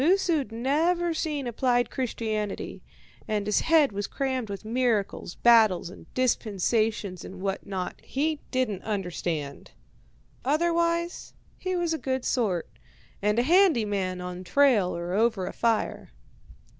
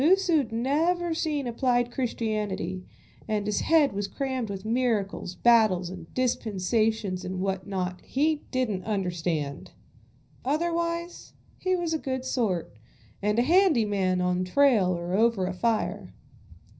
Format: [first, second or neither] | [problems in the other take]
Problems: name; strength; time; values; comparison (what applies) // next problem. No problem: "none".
first | room echo; dies away in 0.4 s